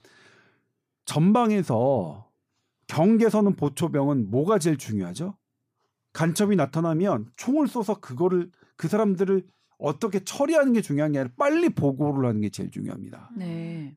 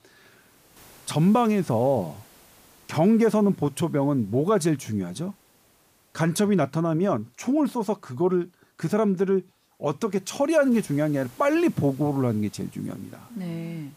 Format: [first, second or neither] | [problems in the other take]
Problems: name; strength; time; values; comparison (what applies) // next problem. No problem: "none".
first | hiss; faint; throughout; 30 dB below the speech